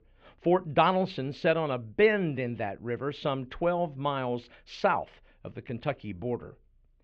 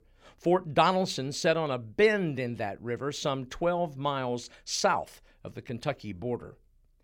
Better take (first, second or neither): second